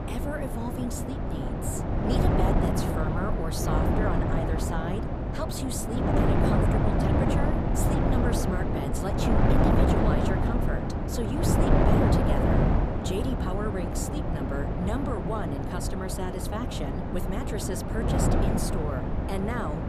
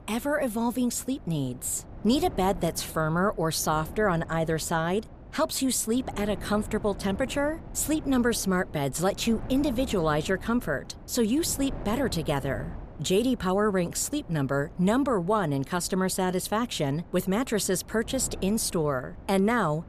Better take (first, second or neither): second